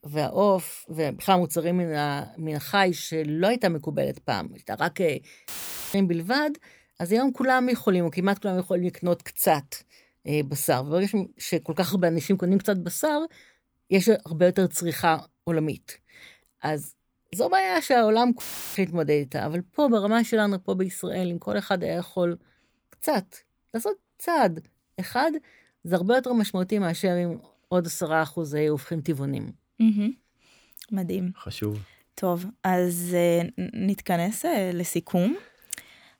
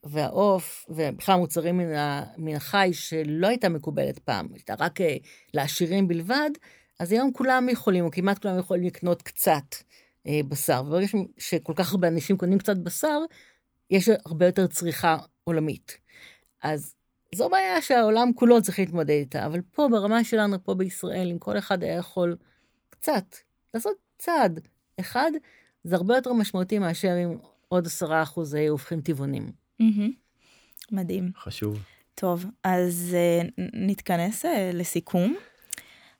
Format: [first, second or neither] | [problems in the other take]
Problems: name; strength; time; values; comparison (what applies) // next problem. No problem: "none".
second | audio cutting out; filled with static; at 5.5 s and at 18 s